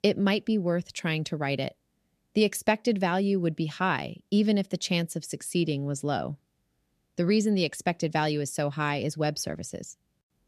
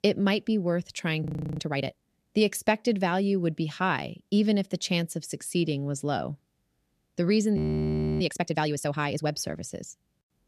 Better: first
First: none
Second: audio freezing; at 1 s and at 7.5 s for 0.5 s

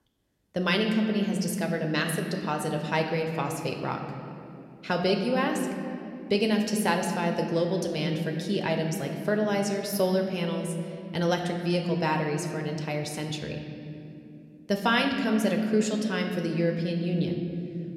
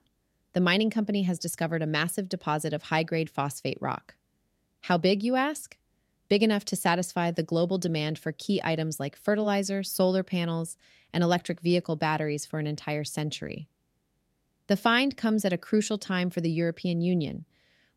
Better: second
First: room echo; slight; dies away in 2.4 s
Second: none

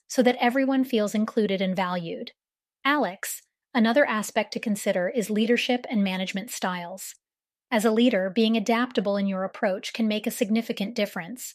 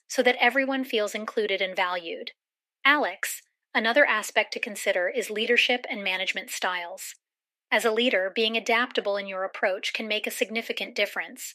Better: first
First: none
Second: thin; somewhat; fading below 300 Hz

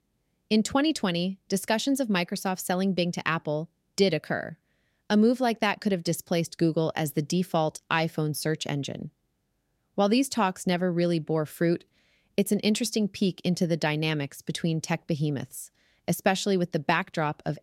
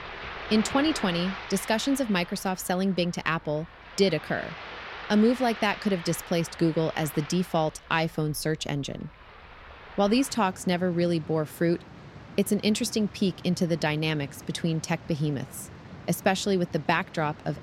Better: first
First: none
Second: rain or running water; noticeable; throughout; 15 dB below the speech

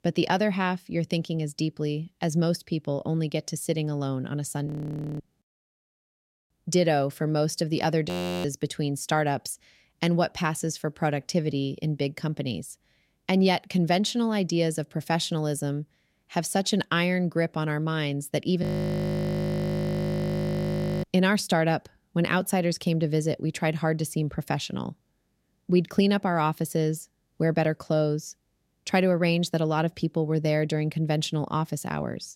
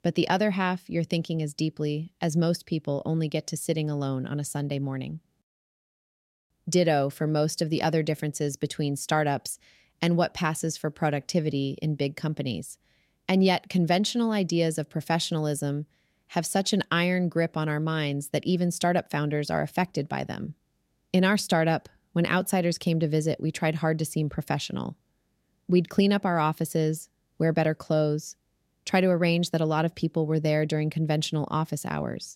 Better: second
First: audio freezing; at 4.5 s for 0.5 s, at 8 s and at 19 s for 2.5 s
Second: none

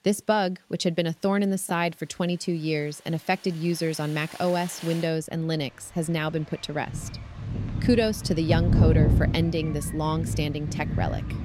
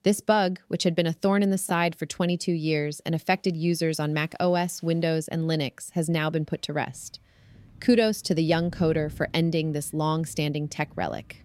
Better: second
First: rain or running water; loud; throughout; 1 dB below the speech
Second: rain or running water; faint; throughout; 25 dB below the speech

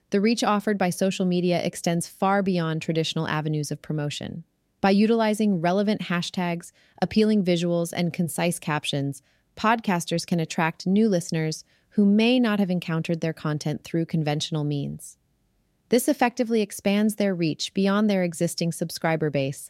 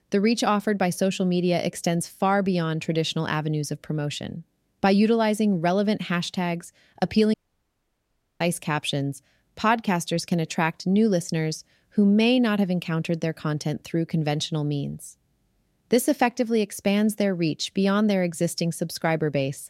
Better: first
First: none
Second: audio cutting out; at 7.5 s for 1 s

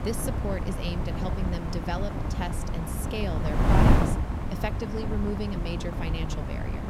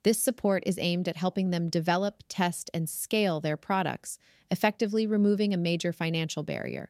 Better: second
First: wind noise on the microphone; heavy; 2 dB above the speech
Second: none

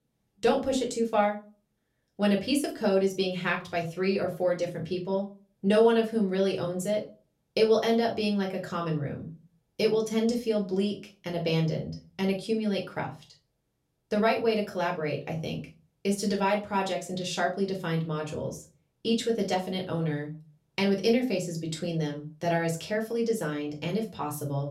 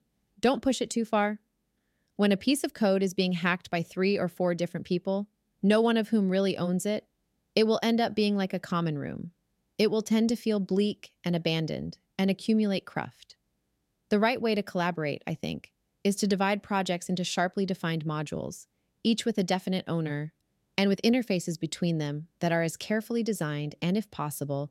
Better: second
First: off-mic speech; far // room echo; very slight; dies away in 0.3 s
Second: none

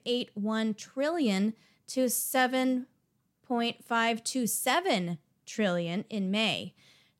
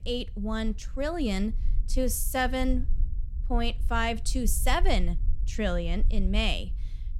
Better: first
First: none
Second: low rumble; faint; throughout; 25 dB below the speech

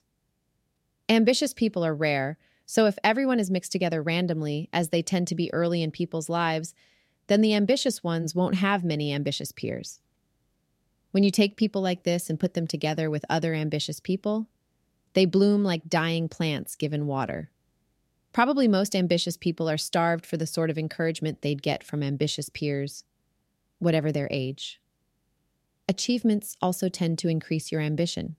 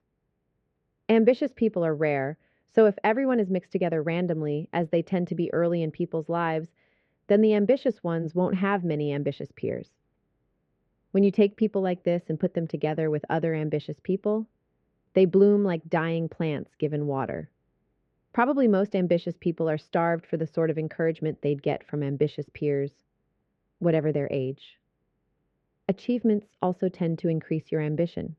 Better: first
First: none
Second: muffled; very; fading above 2 kHz

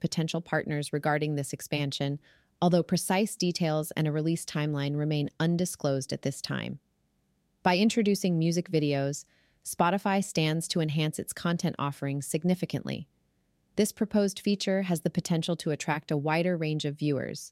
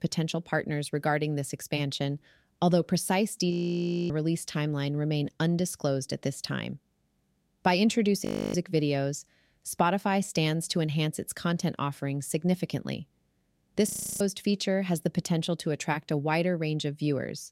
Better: first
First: none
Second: audio freezing; at 3.5 s for 0.5 s, at 8.5 s and at 14 s

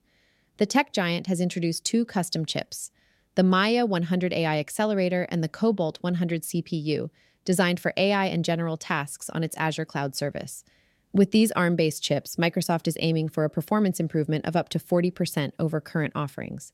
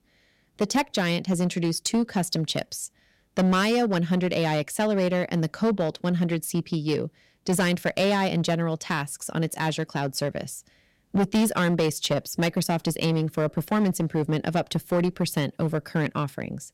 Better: first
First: none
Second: distortion; slight; 7% of the sound clipped

